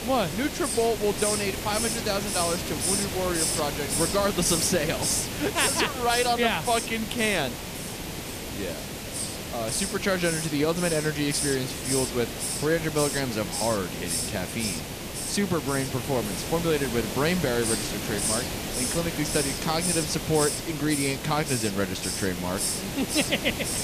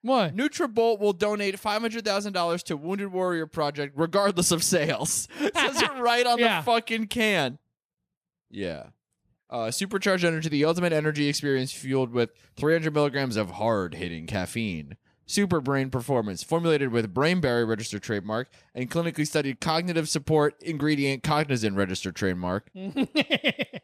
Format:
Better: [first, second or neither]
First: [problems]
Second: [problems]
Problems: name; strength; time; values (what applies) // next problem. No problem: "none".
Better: second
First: hiss; loud; throughout; 2 dB below the speech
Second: none